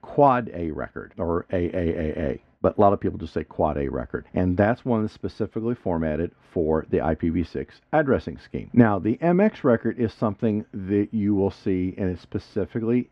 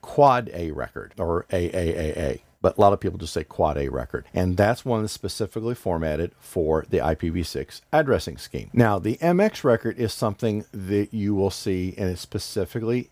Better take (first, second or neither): second